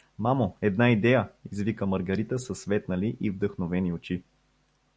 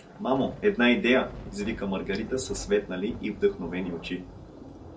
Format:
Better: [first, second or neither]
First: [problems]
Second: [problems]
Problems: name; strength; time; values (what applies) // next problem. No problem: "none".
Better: first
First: none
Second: background sound (Thunder); 16 dB below the speech // room echo; dies away in 0.2 s